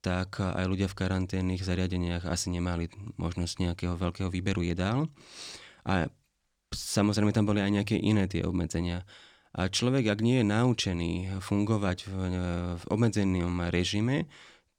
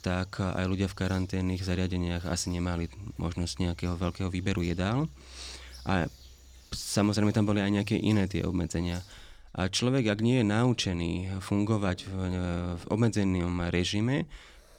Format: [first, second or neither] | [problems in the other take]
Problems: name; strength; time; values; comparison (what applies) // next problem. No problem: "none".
first | animal sounds; faint; throughout; 25 dB below the speech